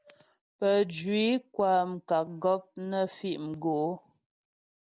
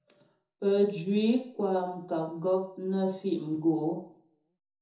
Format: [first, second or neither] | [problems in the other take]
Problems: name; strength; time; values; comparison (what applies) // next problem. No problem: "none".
first | room echo; dies away in 0.6 s